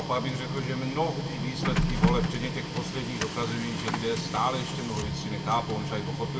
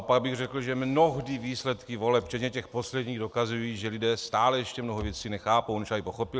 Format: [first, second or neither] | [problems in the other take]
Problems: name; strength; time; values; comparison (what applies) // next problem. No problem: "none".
second | background sound (Printer); 1 dB above the speech // room echo; dies away in 1.5 s